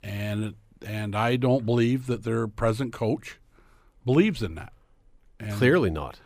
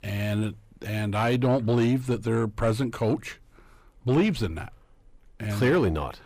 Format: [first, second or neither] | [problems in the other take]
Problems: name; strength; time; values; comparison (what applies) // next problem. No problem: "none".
first | distortion; slight; 10 dB below the speech